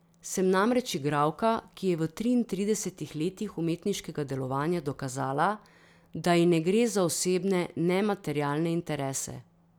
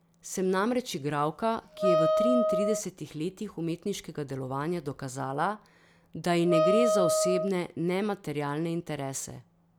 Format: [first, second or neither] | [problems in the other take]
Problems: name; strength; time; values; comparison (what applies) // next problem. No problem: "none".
first | background sound (Wind instrument, woodwind instrument); 4 dB above the speech